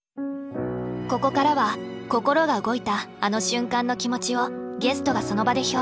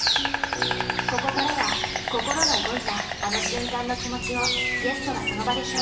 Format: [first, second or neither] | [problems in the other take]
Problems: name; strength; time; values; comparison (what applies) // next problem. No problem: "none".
first | background sound (Insect); 2 dB above the speech // room echo; dies away in 0.9 s